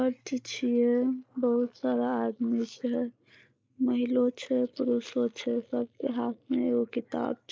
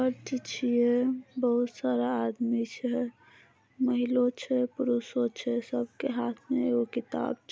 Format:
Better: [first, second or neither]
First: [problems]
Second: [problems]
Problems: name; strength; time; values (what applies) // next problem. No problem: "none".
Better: second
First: noise reduction (neural mask model Resemble Enhance denoiser)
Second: none